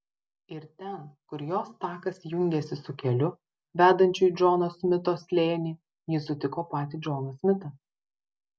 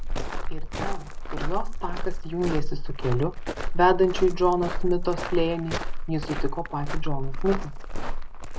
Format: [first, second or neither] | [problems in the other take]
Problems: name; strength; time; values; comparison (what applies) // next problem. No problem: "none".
first | background sound (Walk, footsteps); 2 dB above the speech